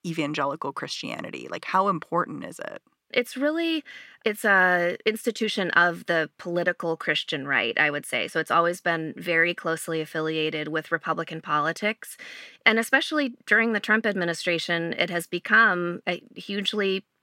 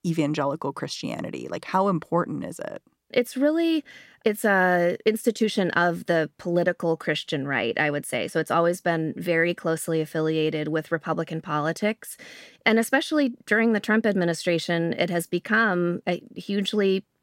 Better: second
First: thin; very slightly; fading below 350 Hz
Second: none

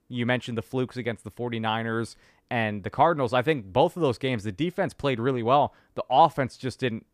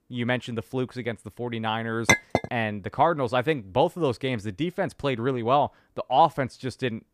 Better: first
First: none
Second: clattering dishes; loud; at 2 s; peak 5 dB above the speech

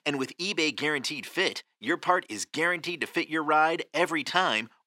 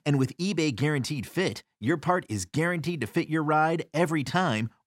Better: second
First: thin; somewhat; fading below 350 Hz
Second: none

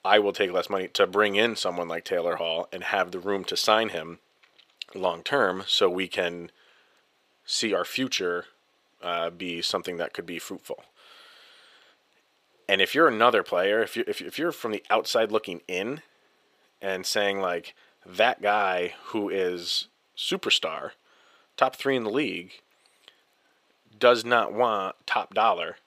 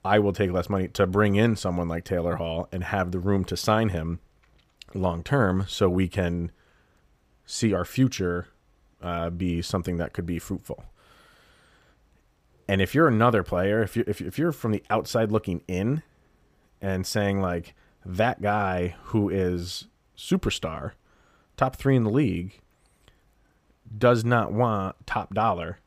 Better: second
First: thin; somewhat; fading below 450 Hz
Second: none

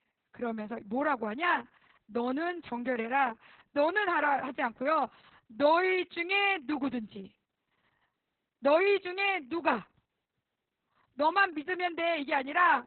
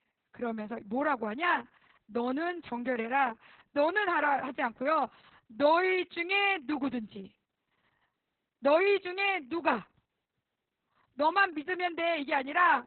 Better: neither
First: garbled, watery; badly; nothing above 4 kHz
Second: garbled, watery; badly; nothing above 4 kHz

